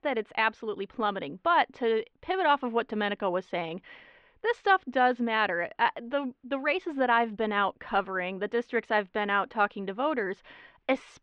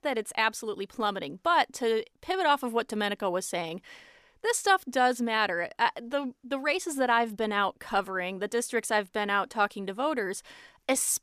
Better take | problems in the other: second | muffled; very; fading above 3 kHz

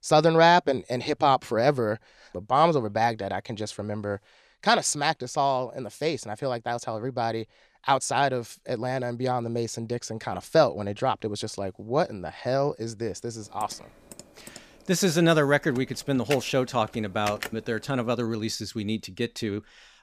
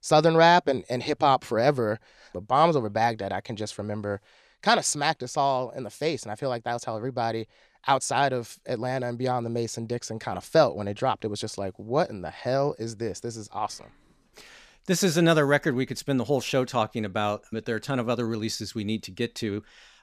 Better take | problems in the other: second | keyboard typing; noticeable; from 14 to 17 s; peak 8 dB below the speech

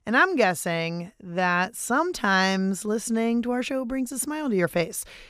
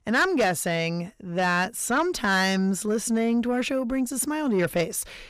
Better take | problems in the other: first | distortion; slight; 10 dB below the speech

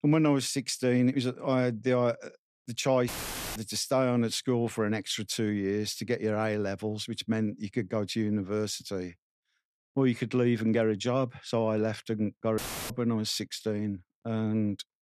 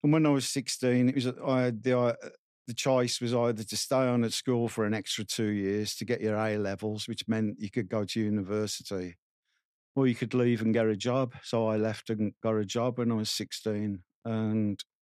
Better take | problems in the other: second | audio cutting out; filled with static; at 3 s and at 13 s

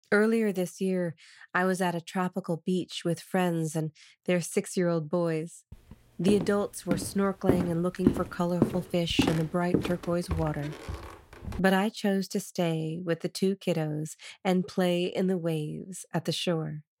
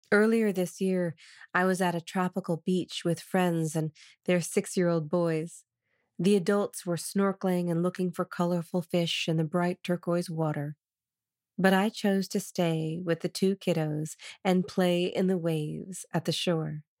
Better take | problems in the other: second | footsteps; loud; from 6.5 to 12 s; peak 1 dB above the speech

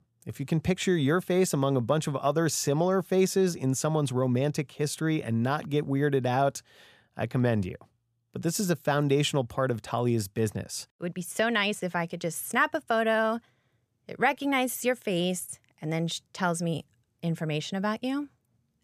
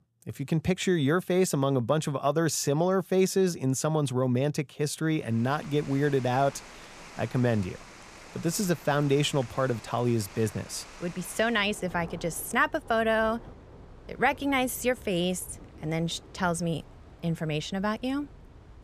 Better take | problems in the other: first | rain or running water; noticeable; from 5.5 s on; 20 dB below the speech

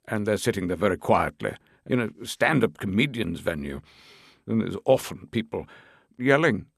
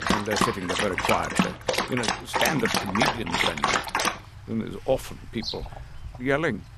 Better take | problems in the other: first | animal sounds; very loud; throughout; 3 dB above the speech

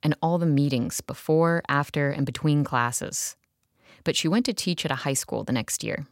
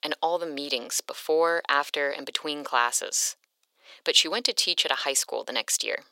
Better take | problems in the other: first | thin; very; fading below 400 Hz

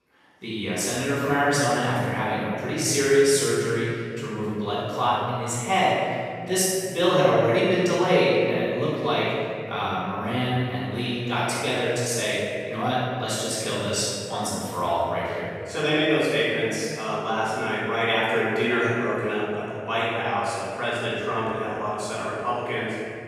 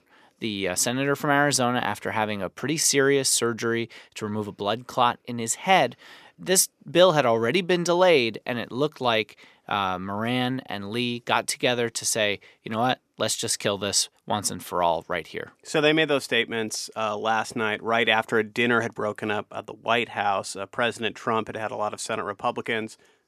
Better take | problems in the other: second | off-mic speech; far // room echo; strong; dies away in 3 s

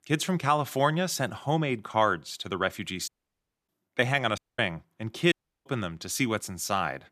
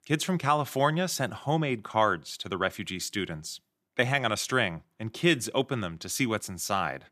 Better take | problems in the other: second | audio cutting out; at 3 s for 0.5 s, at 4.5 s and at 5.5 s

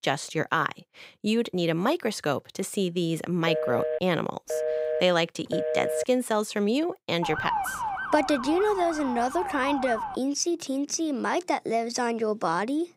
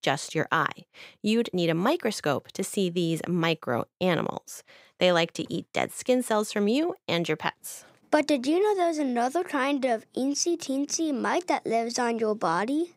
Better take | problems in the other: second | phone ringing; noticeable; from 3.5 to 6 s; peak 1 dB below the speech // siren; noticeable; from 7 to 10 s; peak 2 dB below the speech

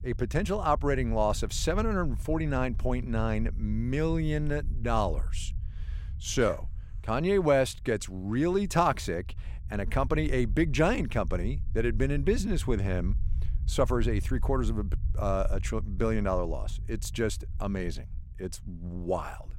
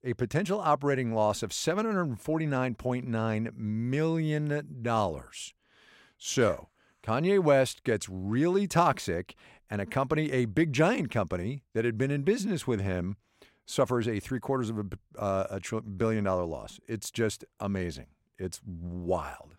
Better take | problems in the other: second | low rumble; faint; throughout; 25 dB below the speech

